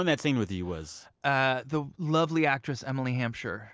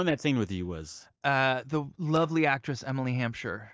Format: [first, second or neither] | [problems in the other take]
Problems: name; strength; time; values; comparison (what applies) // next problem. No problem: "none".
first | noise reduction (neural mask model DeepFilterNet 3)